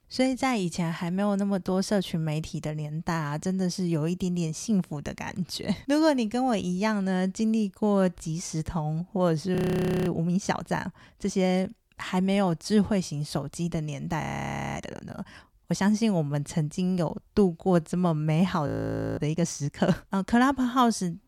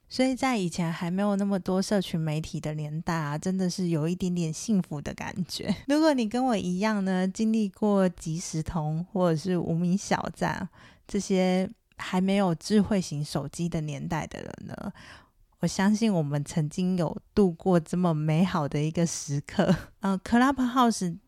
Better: second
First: audio freezing; at 9.5 s for 0.5 s, at 14 s for 0.5 s and at 19 s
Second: none

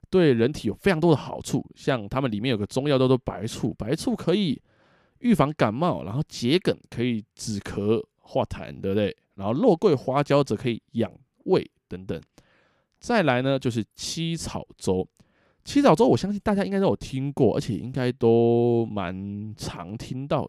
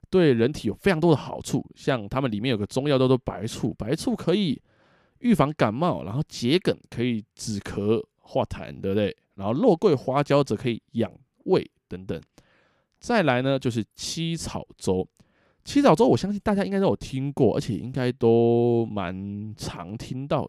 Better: neither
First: none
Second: none

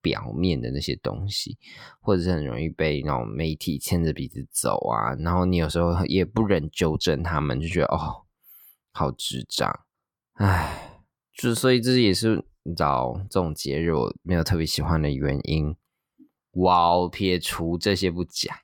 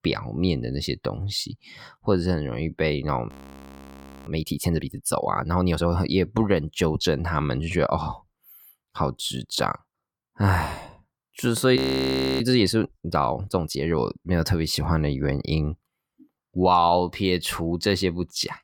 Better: first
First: none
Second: audio freezing; at 3.5 s for 1 s and at 12 s for 0.5 s

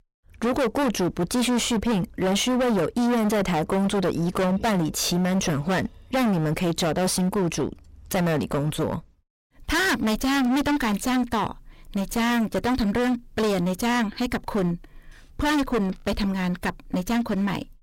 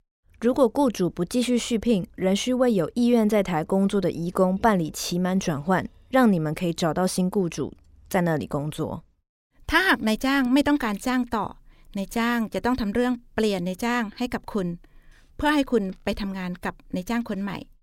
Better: second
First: distortion; heavy; 26% of the sound clipped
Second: none

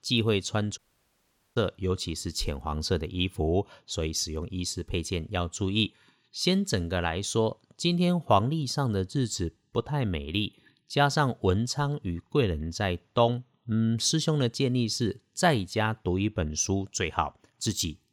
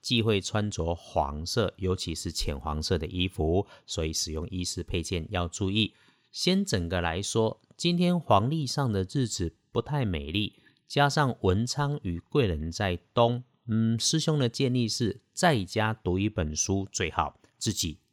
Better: second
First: audio cutting out; at 1 s for 1 s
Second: none

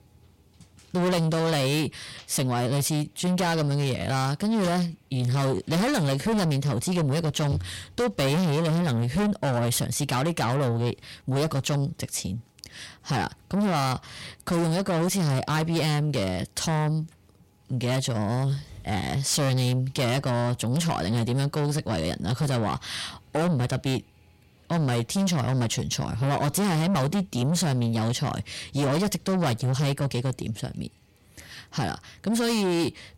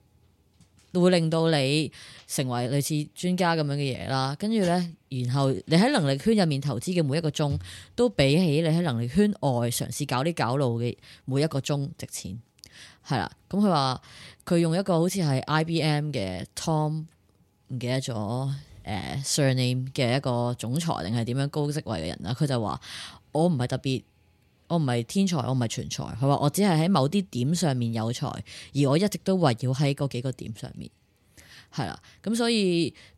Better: second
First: distortion; heavy; 7 dB below the speech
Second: none

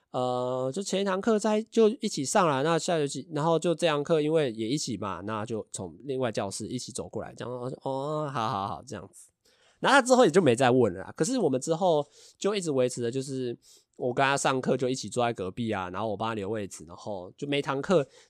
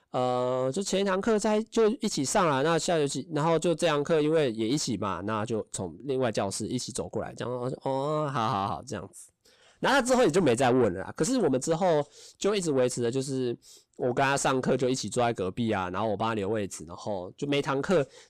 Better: first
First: none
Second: distortion; slight; 9 dB below the speech

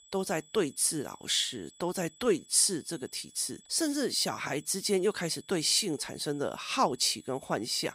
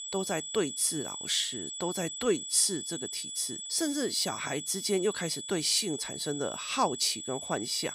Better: first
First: high-pitched whine; faint; throughout; 8 kHz, 25 dB below the speech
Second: high-pitched whine; loud; throughout; 8 kHz, 7 dB below the speech

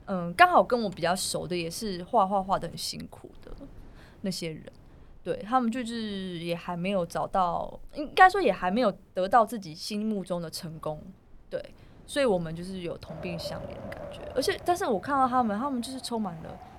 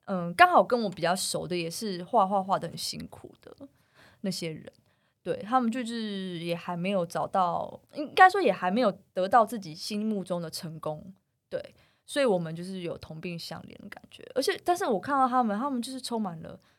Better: second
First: wind in the background; faint; throughout; 20 dB below the speech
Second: none

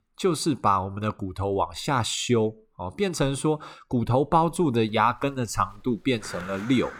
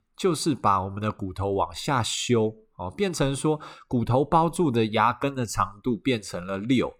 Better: second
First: animal sounds; noticeable; from 5 s on; 15 dB below the speech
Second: none

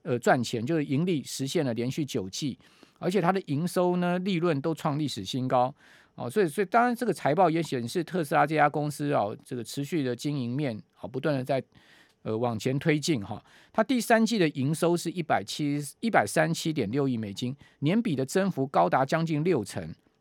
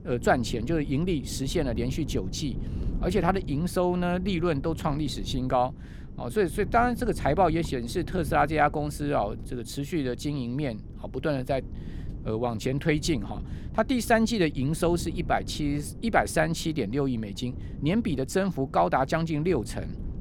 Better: first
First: none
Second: wind noise on the microphone; occasional gusts; 20 dB below the speech

